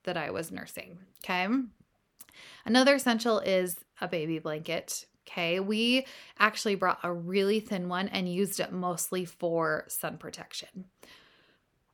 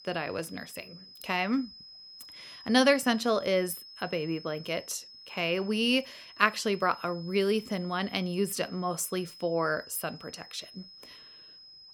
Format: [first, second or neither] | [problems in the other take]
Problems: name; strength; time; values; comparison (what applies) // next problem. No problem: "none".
first | high-pitched whine; noticeable; throughout; 5 kHz, 20 dB below the speech